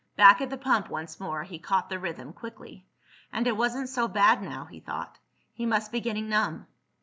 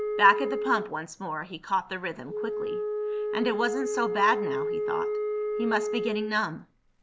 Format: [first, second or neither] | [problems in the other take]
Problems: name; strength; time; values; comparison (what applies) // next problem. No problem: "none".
first | background sound (Wind instrument, woodwind instrument); 2 dB below the speech